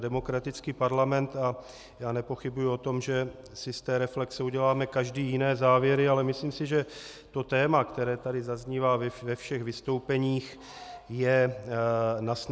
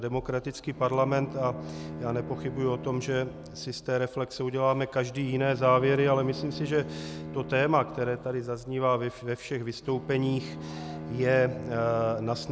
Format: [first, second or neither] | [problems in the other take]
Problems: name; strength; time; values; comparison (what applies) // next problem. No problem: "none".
first | background sound (Bowed string instrument); 12 dB below the speech